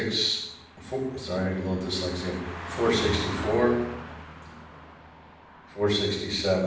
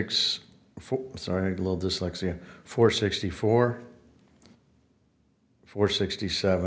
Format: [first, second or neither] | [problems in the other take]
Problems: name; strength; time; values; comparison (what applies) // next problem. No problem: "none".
second | background sound (Car passing by); 11 dB below the speech // room echo; dies away in 0.7 s